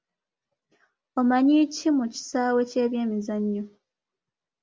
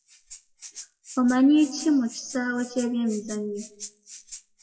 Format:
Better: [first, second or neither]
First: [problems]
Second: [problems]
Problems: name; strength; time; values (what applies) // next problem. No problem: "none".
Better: first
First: none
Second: noise reduction (classical method WPE with log-MMSE)